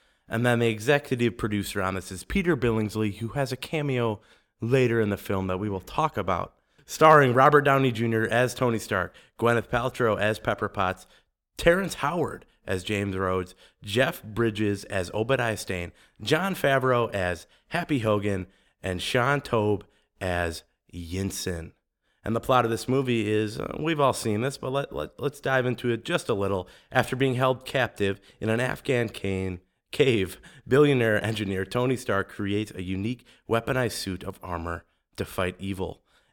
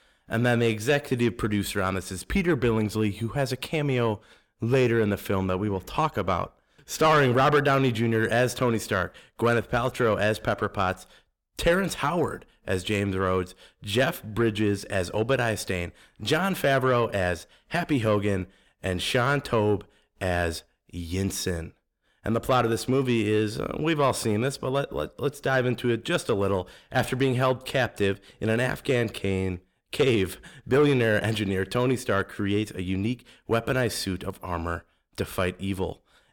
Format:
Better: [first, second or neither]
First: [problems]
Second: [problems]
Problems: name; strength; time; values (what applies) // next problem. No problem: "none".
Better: first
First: none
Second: distortion; slight; 10 dB below the speech